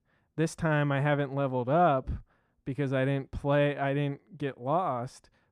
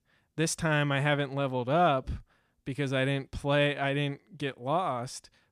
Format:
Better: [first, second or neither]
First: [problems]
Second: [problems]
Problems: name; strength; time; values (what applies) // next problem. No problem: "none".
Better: second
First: muffled; slightly; fading above 2 kHz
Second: none